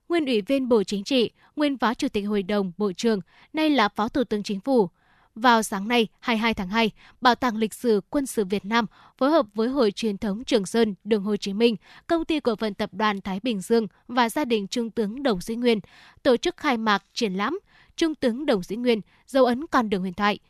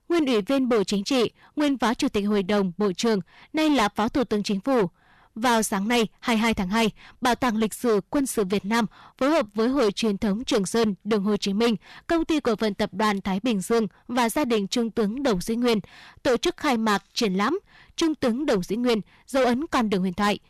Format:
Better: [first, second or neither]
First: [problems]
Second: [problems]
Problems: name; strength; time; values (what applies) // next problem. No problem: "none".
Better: first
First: none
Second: distortion; heavy; 14% of the sound clipped